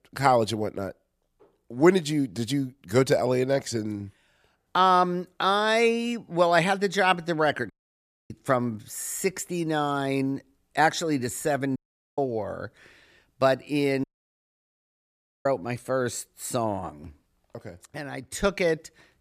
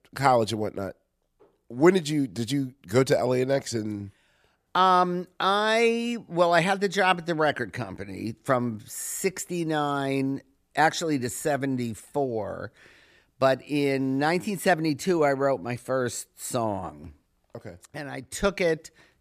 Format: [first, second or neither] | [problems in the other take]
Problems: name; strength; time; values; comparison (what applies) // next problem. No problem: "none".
second | audio cutting out; at 7.5 s for 0.5 s, at 12 s and at 14 s for 1.5 s